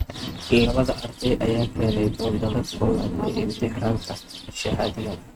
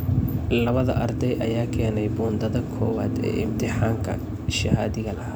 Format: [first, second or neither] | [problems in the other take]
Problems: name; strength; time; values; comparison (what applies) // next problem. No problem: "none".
second | noise reduction (neural mask model RNNoise)